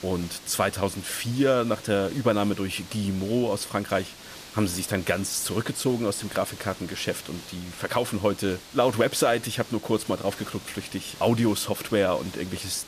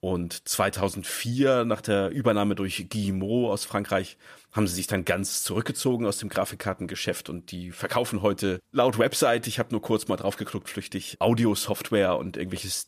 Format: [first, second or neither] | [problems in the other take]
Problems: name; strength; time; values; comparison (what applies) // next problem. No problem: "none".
second | hiss; noticeable; throughout; 15 dB below the speech